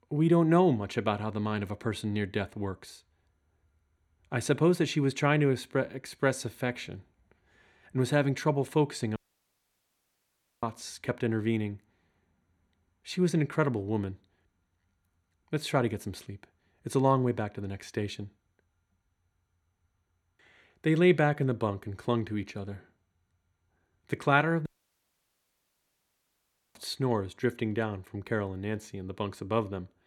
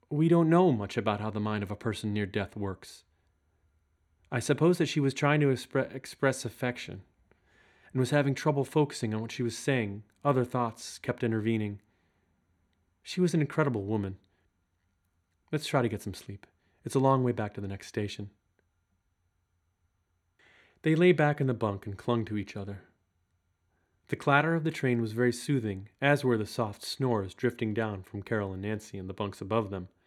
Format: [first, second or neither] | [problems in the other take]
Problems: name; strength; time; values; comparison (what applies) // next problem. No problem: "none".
second | audio cutting out; at 9 s for 1.5 s and at 25 s for 2 s